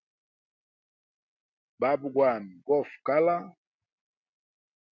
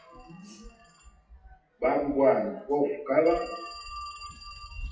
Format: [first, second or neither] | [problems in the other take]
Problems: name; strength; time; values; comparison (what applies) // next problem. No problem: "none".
first | noise reduction (classical method WPE with log-MMSE)